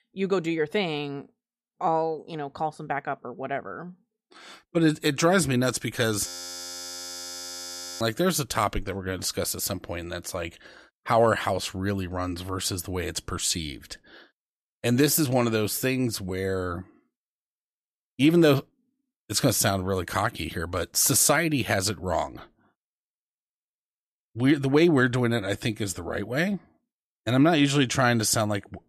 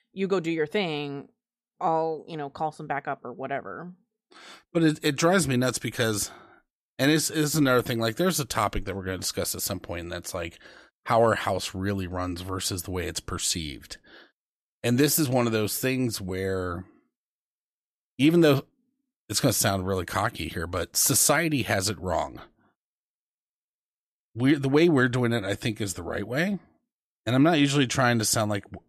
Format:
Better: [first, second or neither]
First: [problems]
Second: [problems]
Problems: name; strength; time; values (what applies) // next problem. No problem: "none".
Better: second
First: audio freezing; at 6.5 s for 1.5 s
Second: none